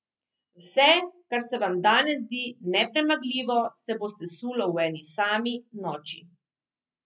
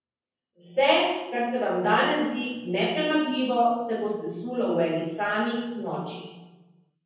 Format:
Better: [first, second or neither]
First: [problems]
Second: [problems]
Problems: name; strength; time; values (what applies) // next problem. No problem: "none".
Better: first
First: none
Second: room echo; dies away in 1.1 s